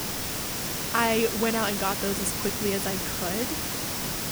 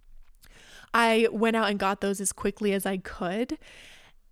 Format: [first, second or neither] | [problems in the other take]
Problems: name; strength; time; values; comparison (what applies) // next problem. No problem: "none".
second | hiss; loud; throughout; as loud as the speech